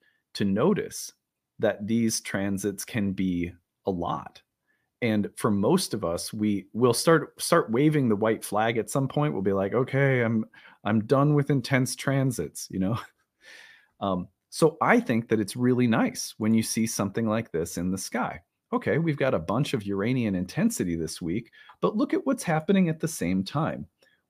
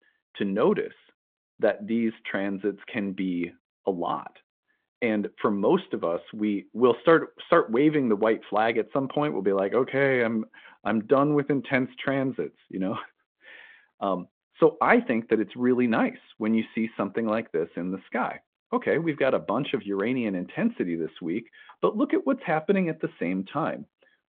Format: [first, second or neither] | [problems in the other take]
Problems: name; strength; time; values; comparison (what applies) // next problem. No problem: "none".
first | phone-call audio